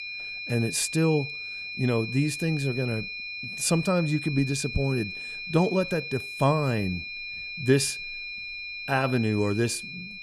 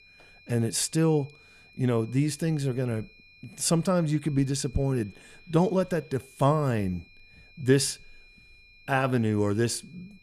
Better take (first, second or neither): second